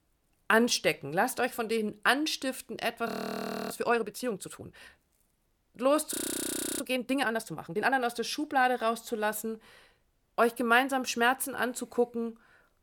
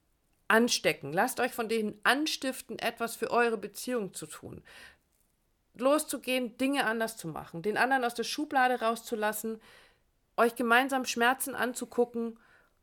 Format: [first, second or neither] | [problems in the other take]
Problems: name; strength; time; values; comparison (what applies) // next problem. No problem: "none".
second | audio freezing; at 3 s for 0.5 s and at 6 s for 0.5 s